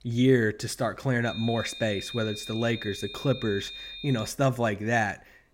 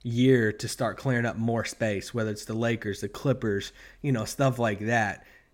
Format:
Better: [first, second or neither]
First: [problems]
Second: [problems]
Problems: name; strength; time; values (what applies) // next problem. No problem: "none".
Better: second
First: high-pitched whine; noticeable; from 1.5 to 4.5 s; 3.5 kHz, 10 dB below the speech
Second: none